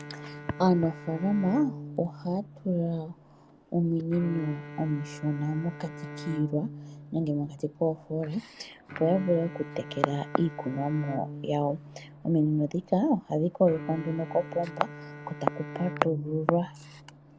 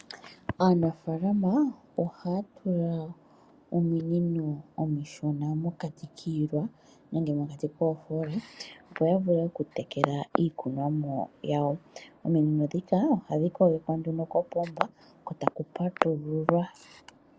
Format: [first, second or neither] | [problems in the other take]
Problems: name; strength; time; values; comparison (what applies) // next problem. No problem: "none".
second | background sound (Bowed string instrument); 13 dB below the speech